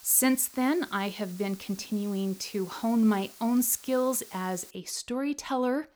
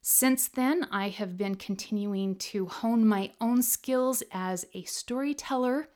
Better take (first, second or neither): second